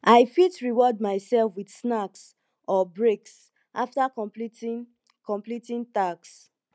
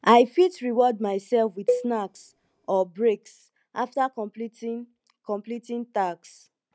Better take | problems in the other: first | background sound (Cowbell); 6 dB below the speech

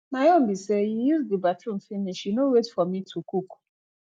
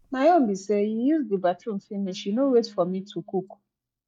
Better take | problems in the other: first | noise reduction (neural mask model DeepFilterNet 3)

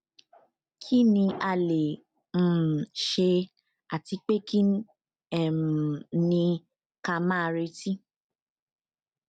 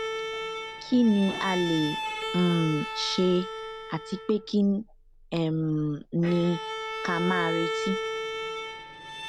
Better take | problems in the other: first | background sound (Bowed string instrument); 6 dB below the speech

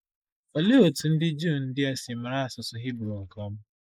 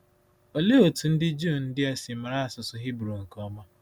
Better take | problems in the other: second | noise reduction (neural mask model Resemble Enhance denoiser)

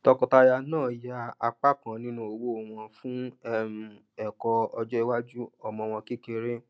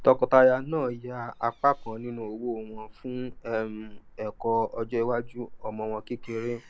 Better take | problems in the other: first | background sound (Gull, seagull / Fowl); 15 dB below the speech

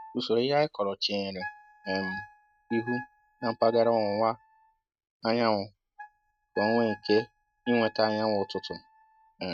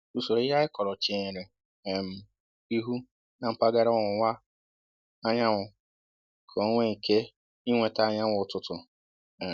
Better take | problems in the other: second | noise reduction (neural mask model RNNoise)

